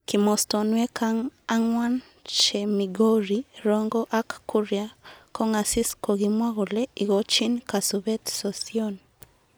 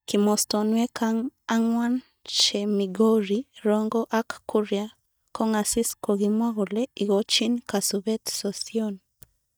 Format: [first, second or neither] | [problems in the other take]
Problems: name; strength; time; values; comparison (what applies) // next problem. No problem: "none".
first | noise reduction (neural mask model DeepFilterNet 3)